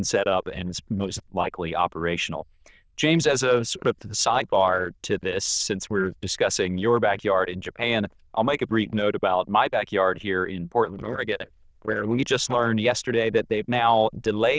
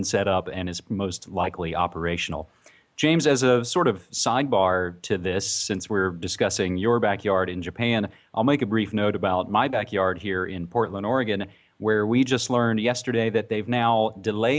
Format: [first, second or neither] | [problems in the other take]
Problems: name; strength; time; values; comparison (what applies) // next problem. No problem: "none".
second | noise reduction (neural diffusion model UNIVERSE++)